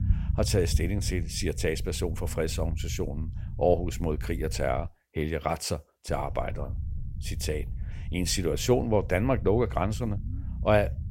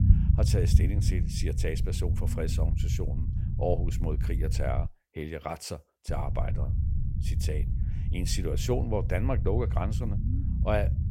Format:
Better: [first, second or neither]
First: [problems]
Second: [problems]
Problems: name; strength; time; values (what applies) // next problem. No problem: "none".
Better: first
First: low rumble; faint; until 5 s and from 6 s on; 20 dB below the speech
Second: low rumble; loud; until 5 s and from 6 s on; 9 dB below the speech